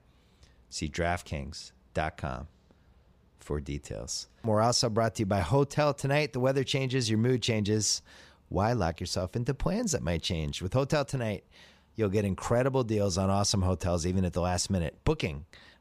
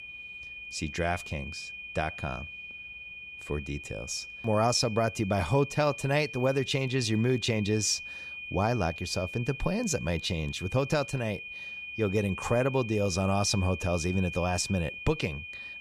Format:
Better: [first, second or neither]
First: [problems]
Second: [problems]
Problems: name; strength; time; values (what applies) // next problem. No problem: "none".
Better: first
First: none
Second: high-pitched whine; loud; throughout; 2.5 kHz, 10 dB below the speech